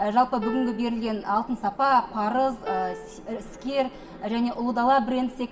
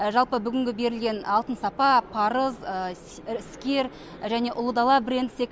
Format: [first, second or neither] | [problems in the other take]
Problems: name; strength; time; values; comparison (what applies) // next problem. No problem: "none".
second | background sound (Piano); 13 dB below the speech // room echo; dies away in 1.5 s